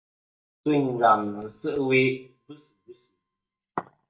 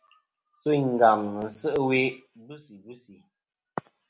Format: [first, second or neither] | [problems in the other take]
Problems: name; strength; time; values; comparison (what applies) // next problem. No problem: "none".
second | noise reduction (neural mask model DeepFilterNet 3)